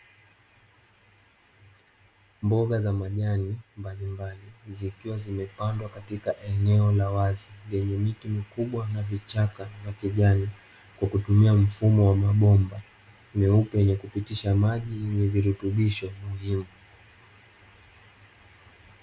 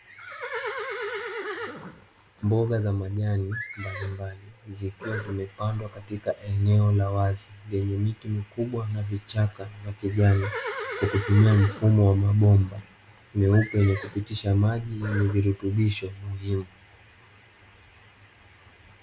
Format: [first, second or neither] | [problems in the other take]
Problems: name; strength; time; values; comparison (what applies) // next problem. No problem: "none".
first | background sound (Livestock, farm animals, working animals); 14 dB below the speech